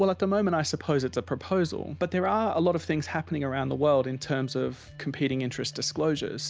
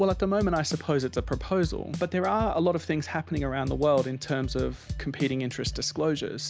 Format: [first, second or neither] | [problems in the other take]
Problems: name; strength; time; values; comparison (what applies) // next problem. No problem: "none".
first | background sound (Drum / Drum kit); 9 dB below the speech